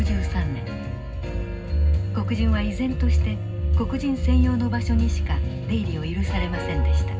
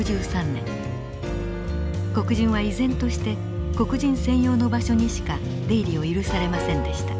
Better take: second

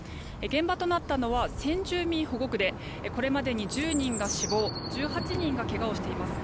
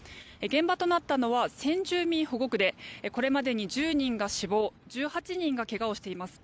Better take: second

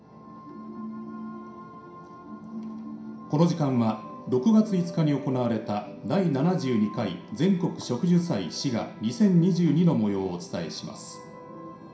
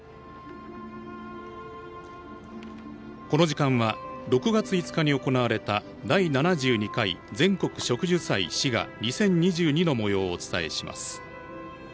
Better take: second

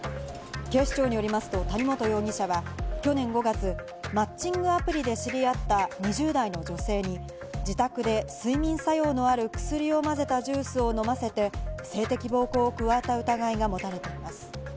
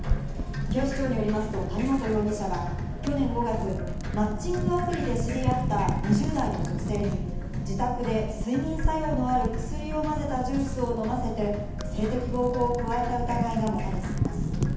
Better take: first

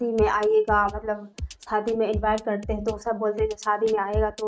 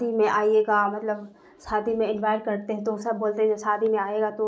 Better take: second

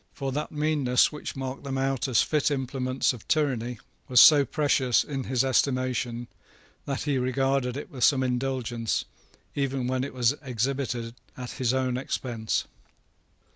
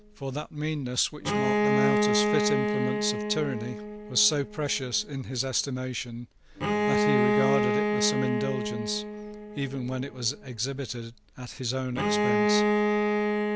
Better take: first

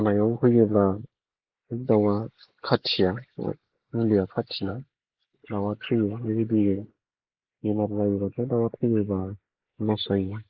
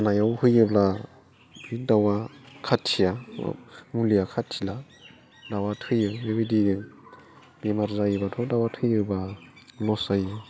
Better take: second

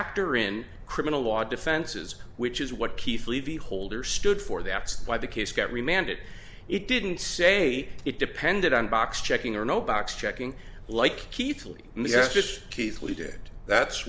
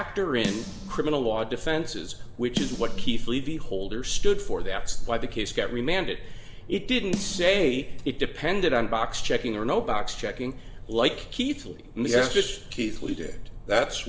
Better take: first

